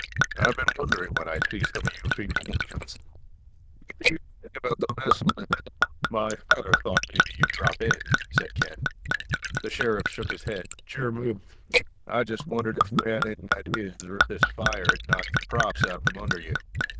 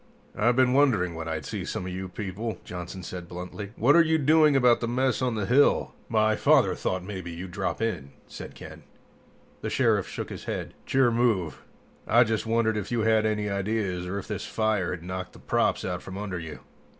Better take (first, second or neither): second